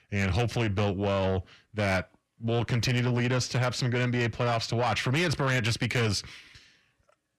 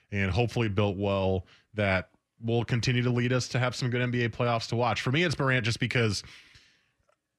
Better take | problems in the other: second | distortion; slight; 10 dB below the speech

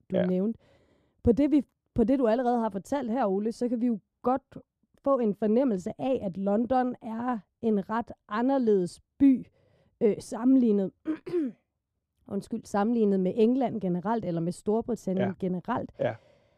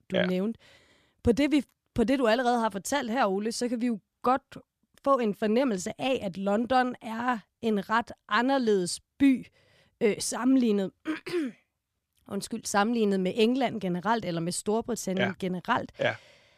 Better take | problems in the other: second | muffled; slightly; fading above 1 kHz

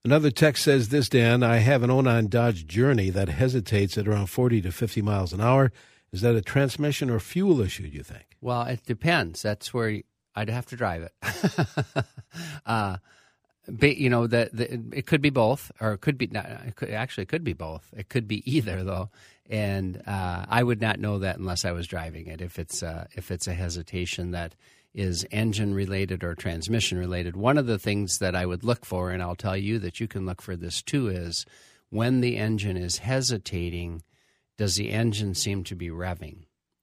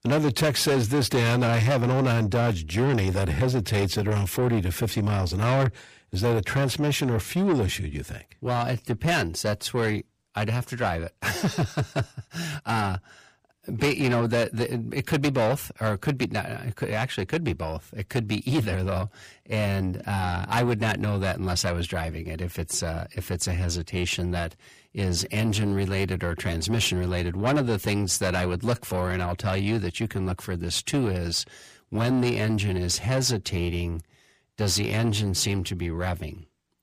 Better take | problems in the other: first | distortion; heavy; 7 dB below the speech

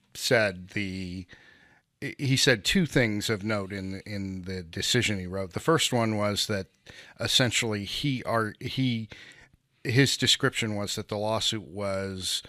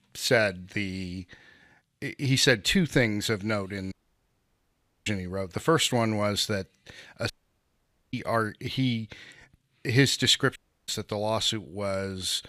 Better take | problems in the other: first | audio cutting out; at 4 s for 1 s, at 7.5 s for 1 s and at 11 s

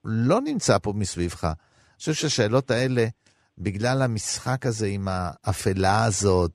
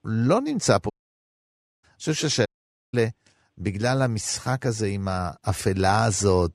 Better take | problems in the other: first | audio cutting out; at 1 s for 1 s and at 2.5 s

